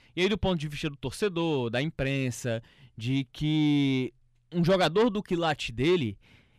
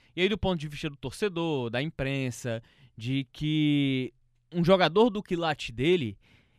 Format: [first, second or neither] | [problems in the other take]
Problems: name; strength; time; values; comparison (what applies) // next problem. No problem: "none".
second | distortion; slight; 10 dB below the speech